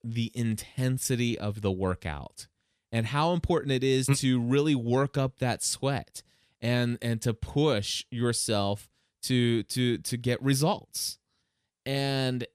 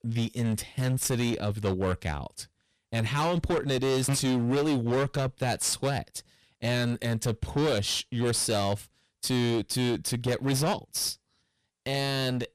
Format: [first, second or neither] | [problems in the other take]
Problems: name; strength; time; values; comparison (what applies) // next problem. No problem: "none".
first | distortion; heavy; 17% of the sound clipped